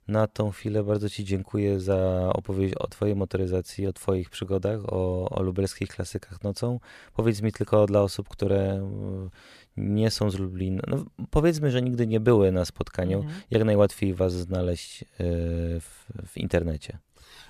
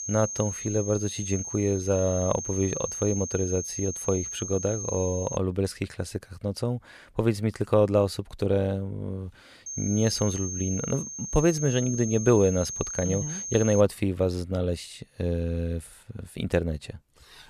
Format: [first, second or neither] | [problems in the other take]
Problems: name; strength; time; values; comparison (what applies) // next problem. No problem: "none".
first | high-pitched whine; loud; until 5.5 s and from 9.5 to 14 s; 6.5 kHz, 6 dB below the speech